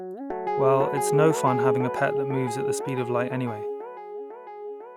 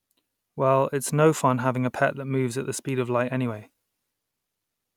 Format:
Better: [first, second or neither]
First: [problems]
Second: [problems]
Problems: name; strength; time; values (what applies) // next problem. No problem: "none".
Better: second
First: background sound (Guitar); as loud as the speech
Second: none